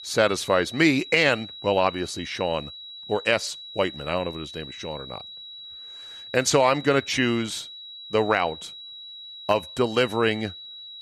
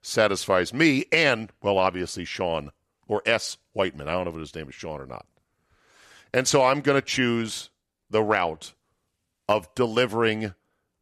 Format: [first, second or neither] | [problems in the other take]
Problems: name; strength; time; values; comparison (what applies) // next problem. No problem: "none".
second | high-pitched whine; noticeable; throughout; 4 kHz, 15 dB below the speech